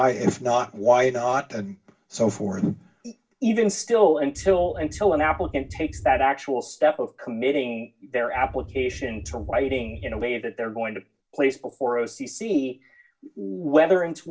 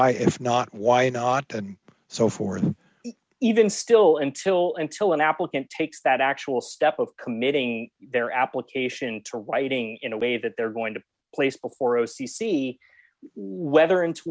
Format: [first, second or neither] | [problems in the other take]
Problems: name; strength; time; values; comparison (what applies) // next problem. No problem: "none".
second | background sound (Wind); 13 dB below the speech // room echo; dies away in 0.2 s